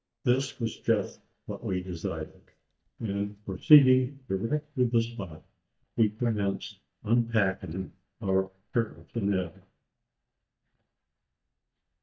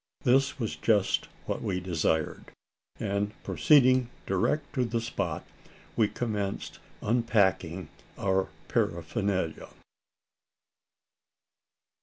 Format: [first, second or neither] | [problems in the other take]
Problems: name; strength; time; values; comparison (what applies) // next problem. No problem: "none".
second | noise reduction (neural mask model DeepFilterNet 3)